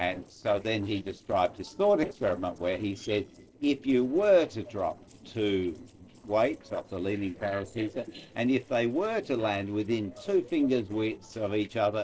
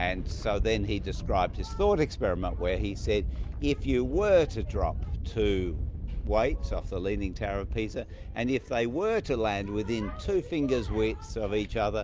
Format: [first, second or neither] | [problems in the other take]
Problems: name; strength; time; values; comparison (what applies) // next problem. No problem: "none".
second | noise reduction (neural separator model SepFormer DNS4)